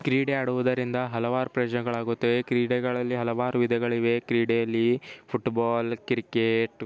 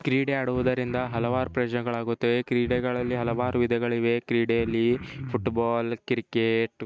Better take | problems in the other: first | noise reduction (neural mask model RNNoise)

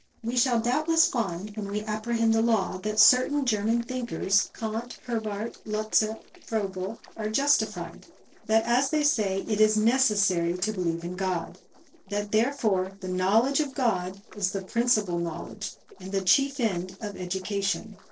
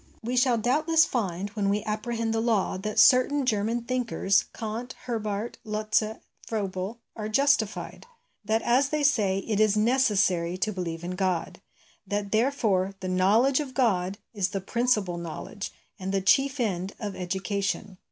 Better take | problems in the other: second | noise reduction (neural separator model SepFormer DNS4)

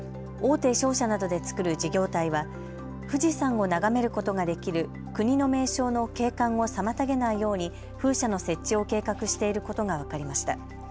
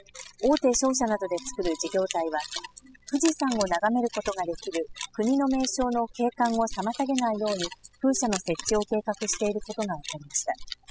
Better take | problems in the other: first | noise reduction (classical method spectral subtraction)

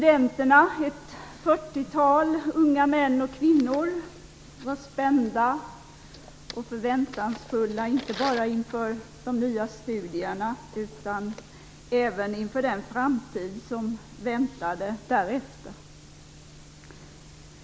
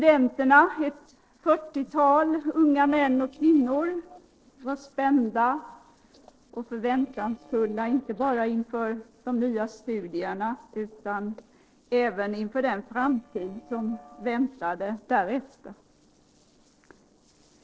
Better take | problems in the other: first | noise reduction (neural separator model SepFormer DNS4)

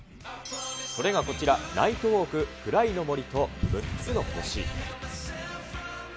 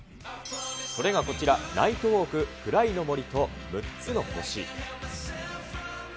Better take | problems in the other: second | background sound (Wind); 3 dB below the speech

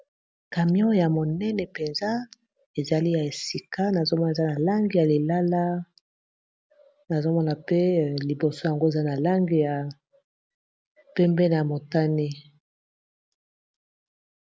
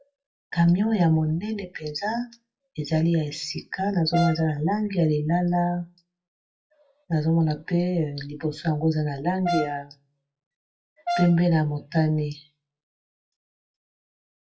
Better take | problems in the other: first | noise reduction (classical method WPE with log-MMSE)

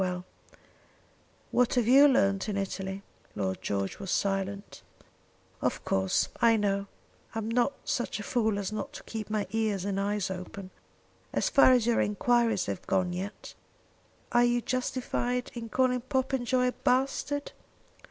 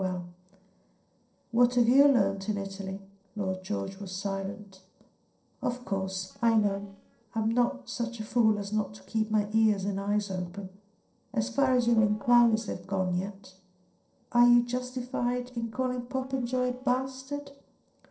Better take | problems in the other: first | noise reduction (neural separator model SepFormer DNS4)

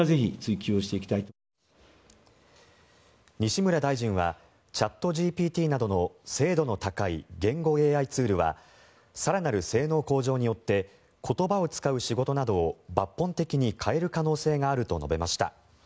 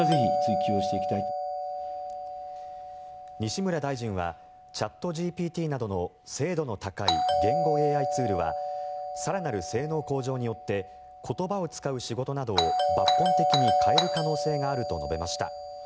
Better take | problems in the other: first | background sound (Doorbell); 2 dB above the speech

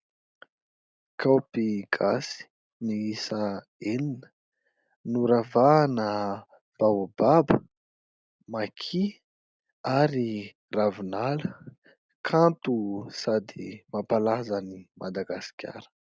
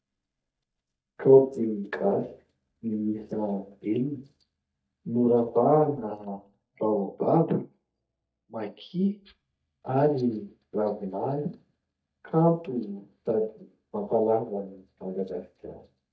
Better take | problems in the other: first | noise reduction (neural mask model DeepFilterNet 3)

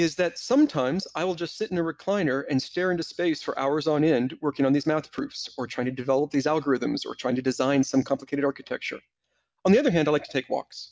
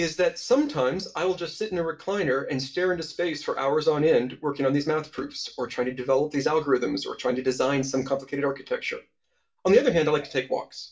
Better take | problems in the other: first | room echo; dies away in 0.2 s

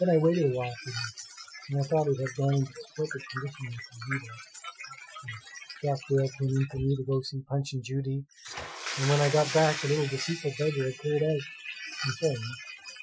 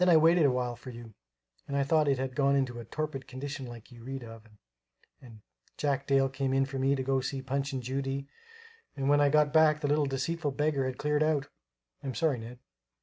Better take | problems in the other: second | noise reduction (classical method Wiener filter)

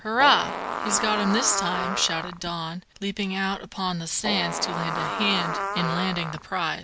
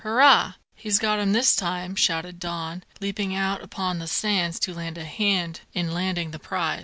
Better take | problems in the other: second | background sound (Fart); 4 dB below the speech

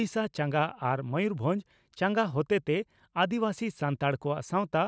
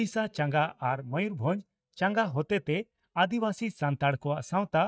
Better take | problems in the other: first | noise reduction (neural mask model DeepFilterNet 3)

